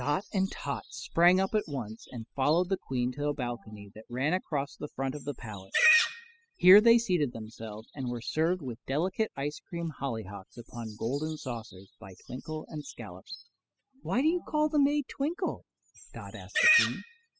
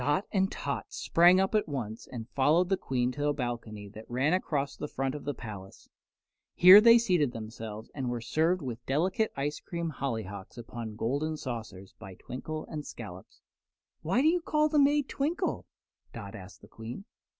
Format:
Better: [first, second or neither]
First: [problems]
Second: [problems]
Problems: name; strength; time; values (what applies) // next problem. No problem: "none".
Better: second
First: noise reduction (classical method spectral subtraction)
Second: none